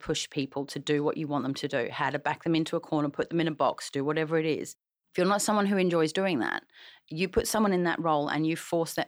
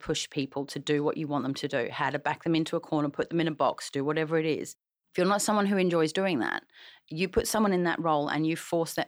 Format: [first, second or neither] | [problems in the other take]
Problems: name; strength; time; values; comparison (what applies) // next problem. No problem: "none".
neither | none